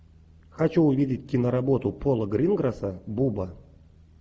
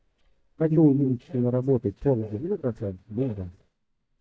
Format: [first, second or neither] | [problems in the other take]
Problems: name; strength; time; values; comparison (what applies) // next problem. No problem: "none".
first | noise reduction (neural mask model DeepFilterNet 3)